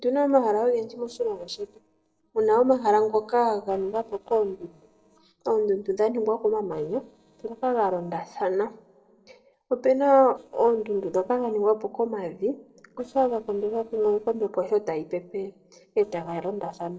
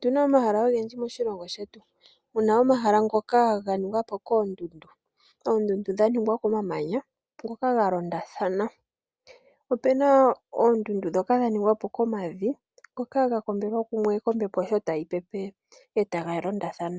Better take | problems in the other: second | noise reduction (neural separator model SepFormer DNS4)

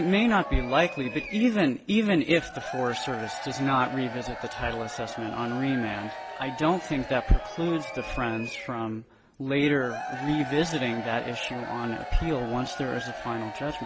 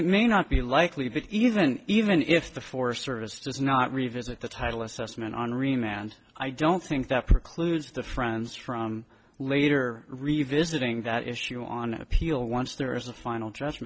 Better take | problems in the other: second | background sound (Crowd / Cheering); 10 dB below the speech

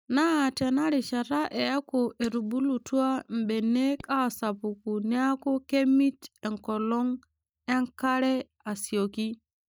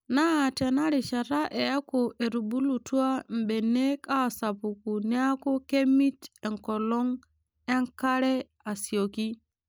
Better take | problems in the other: second | noise reduction (neural mask model DeepFilterNet 3)

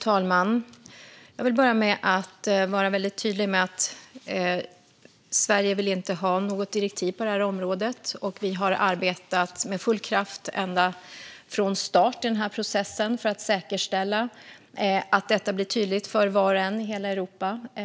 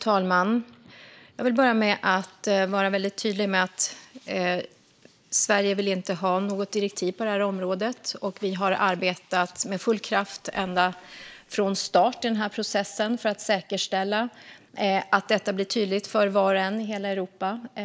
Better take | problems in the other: first | noise reduction (neural mask model Resemble Enhance denoiser)

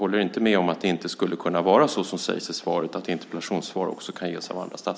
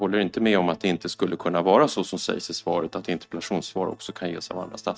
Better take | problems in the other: first | noise reduction (neural mask model RNNoise)

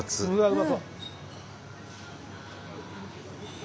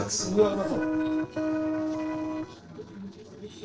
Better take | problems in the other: first | noise reduction (neural separator model SepFormer DNS4)

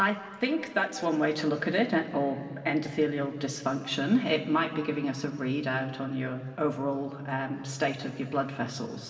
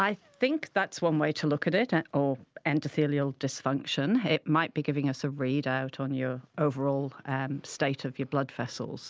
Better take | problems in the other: second | room echo; dies away in 2.3 s

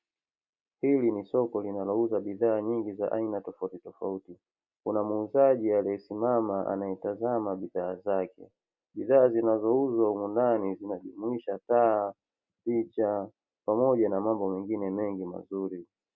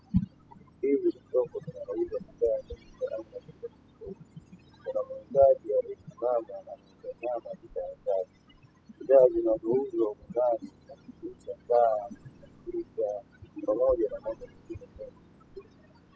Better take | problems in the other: first | noise reduction (classical method spectral subtraction)

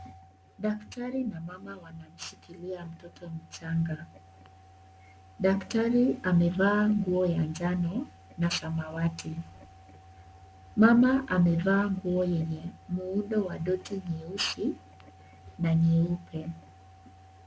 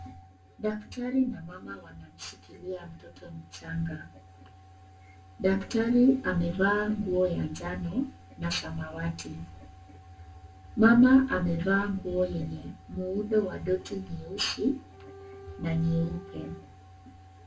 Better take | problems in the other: first | background sound (Bowed string instrument); 18 dB below the speech // room echo; dies away in 0.2 s

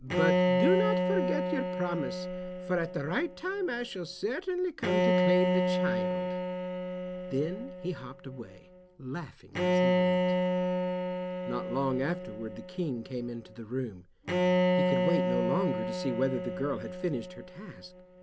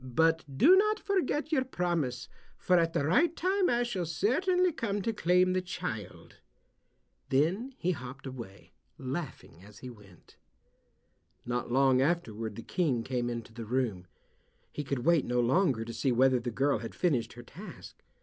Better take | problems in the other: second | background sound (Bowed string instrument); 4 dB above the speech

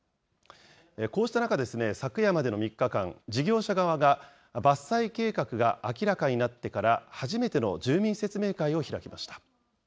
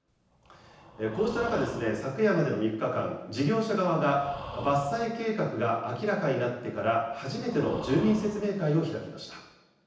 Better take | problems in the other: first | background sound (Breathing); 17 dB below the speech // room echo; dies away in 0.9 s

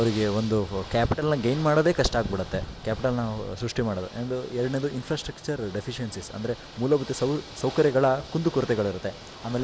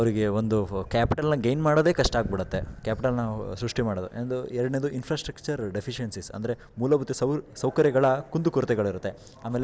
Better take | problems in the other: second | background sound (Ocean / Boat, Water vehicle); 17 dB below the speech

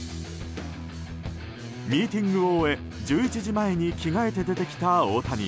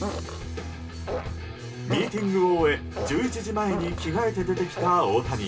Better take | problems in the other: first | background sound (Fart); 11 dB below the speech // room echo; dies away in 0.2 s

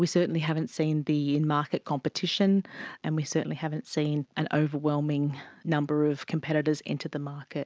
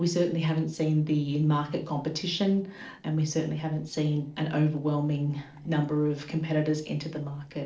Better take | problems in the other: first | noise reduction (neural separator model SepFormer DNS4)

